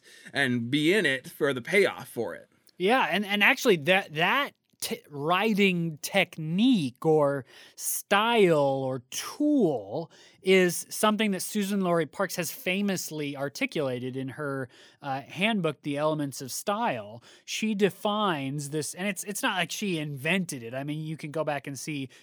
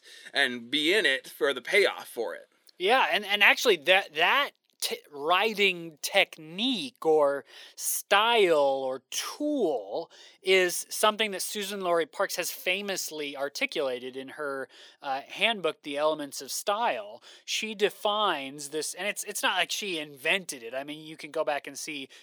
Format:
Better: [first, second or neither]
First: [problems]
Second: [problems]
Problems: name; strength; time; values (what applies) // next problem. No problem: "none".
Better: first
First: none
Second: thin; somewhat; fading below 450 Hz